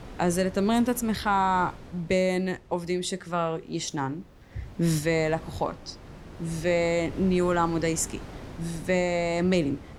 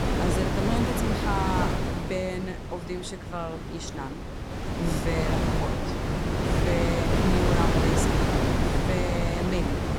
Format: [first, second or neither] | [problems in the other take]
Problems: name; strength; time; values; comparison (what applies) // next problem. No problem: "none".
first | wind noise on the microphone; heavy; 4 dB above the speech; occasional gusts in the first